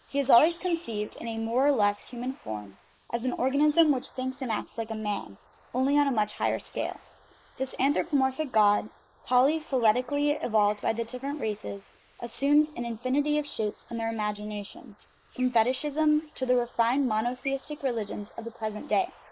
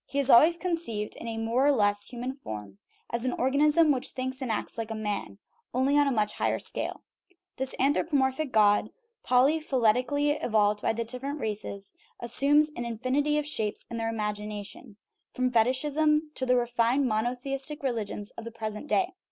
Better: second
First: noise reduction (neural mask model Resemble Enhance denoiser)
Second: none

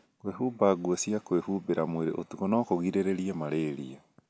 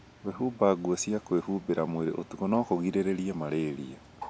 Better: first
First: none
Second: background sound (Bird); 20 dB below the speech

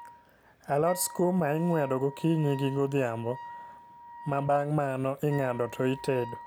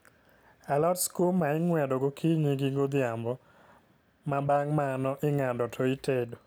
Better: second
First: background sound (Wind instrument, woodwind instrument); 15 dB below the speech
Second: none

